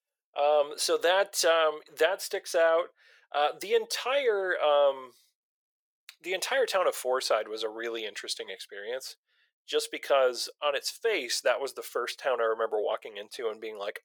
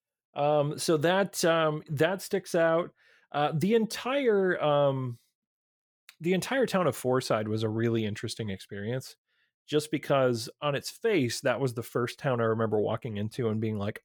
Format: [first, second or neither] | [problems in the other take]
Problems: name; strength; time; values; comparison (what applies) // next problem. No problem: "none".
second | thin; very; fading below 500 Hz